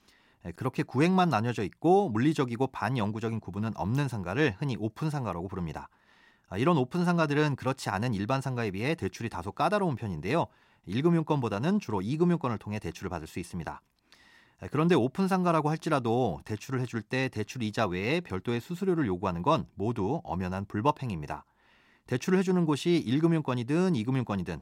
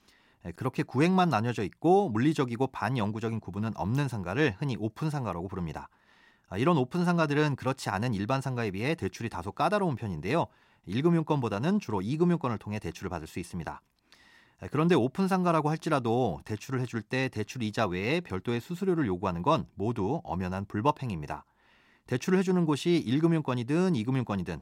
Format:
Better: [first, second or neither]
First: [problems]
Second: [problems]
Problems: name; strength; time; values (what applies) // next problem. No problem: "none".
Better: neither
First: none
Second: none